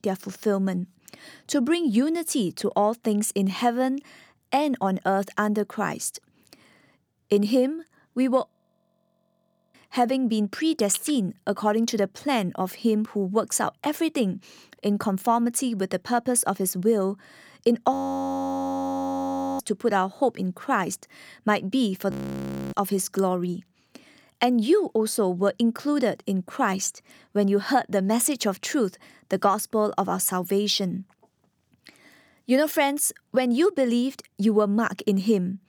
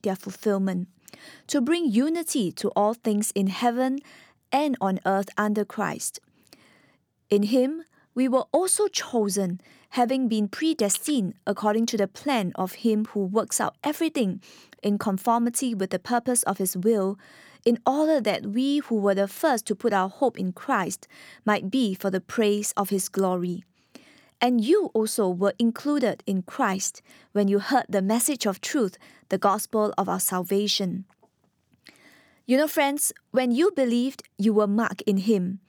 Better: second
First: audio freezing; at 8.5 s for 1.5 s, at 18 s for 1.5 s and at 22 s for 0.5 s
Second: none

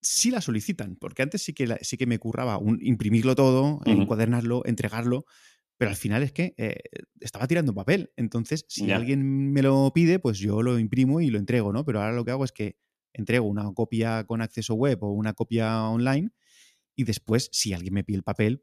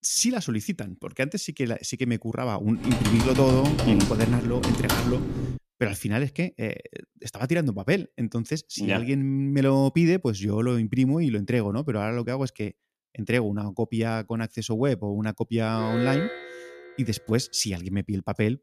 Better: first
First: none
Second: keyboard typing; loud; from 3 to 5.5 s; peak 1 dB above the speech // alarm; noticeable; from 16 to 17 s; peak 3 dB below the speech

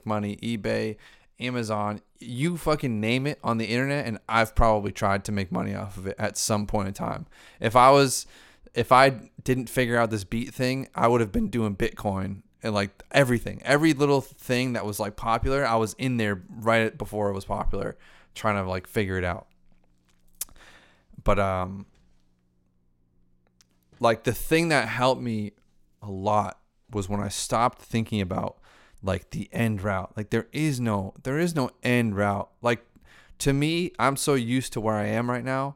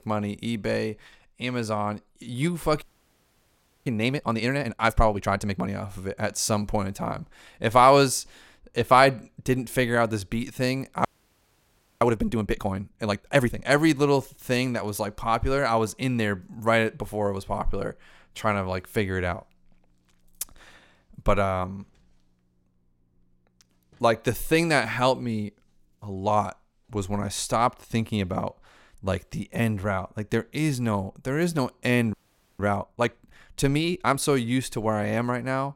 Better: first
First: none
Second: audio freezing; at 3 s for 1 s, at 11 s for 1 s and at 32 s

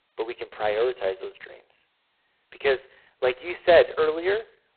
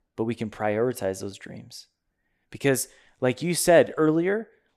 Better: second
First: phone-call audio; poor line; nothing above 4 kHz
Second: none

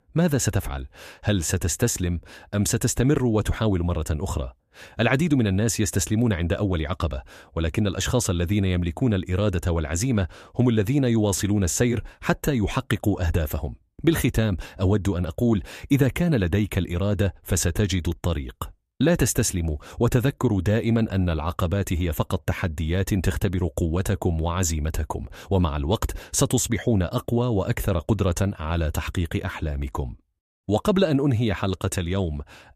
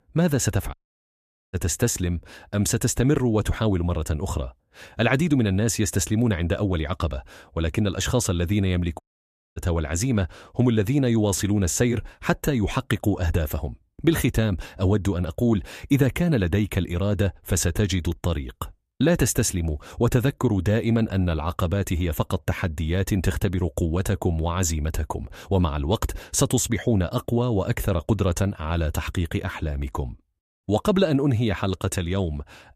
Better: first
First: none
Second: audio cutting out; at 0.5 s for 1 s and at 9 s for 0.5 s

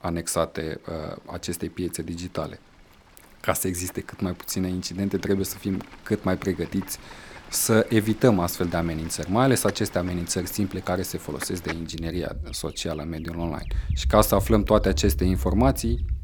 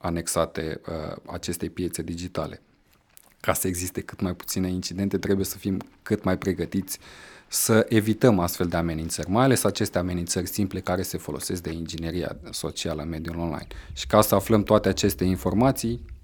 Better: second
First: animal sounds; loud; throughout; 9 dB below the speech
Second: animal sounds; faint; throughout; 25 dB below the speech

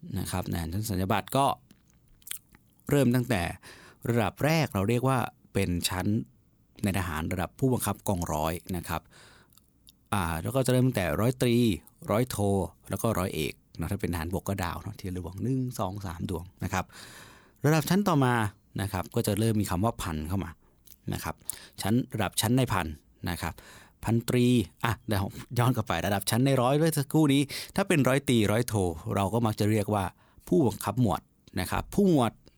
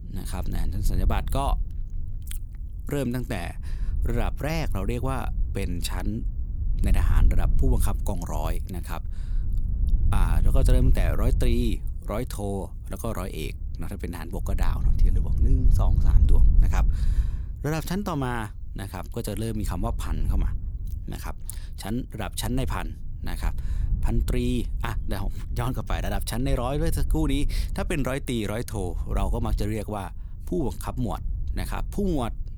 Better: first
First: none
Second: wind noise on the microphone; occasional gusts; 15 dB below the speech

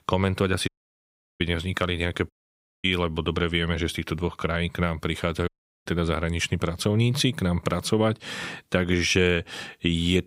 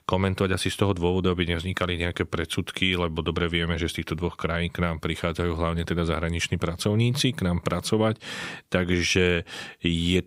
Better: second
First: audio cutting out; at 0.5 s for 0.5 s, at 2.5 s for 0.5 s and at 5.5 s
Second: none

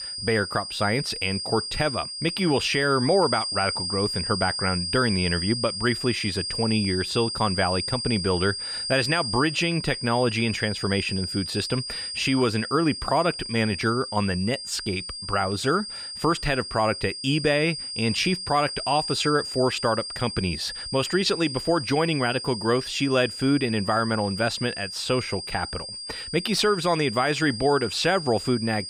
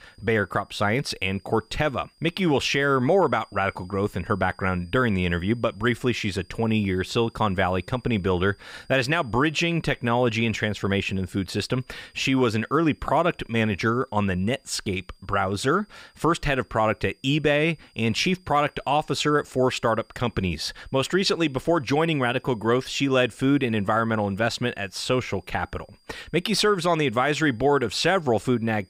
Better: second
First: high-pitched whine; loud; throughout; 5 kHz, 6 dB below the speech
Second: high-pitched whine; faint; throughout; 5 kHz, 35 dB below the speech

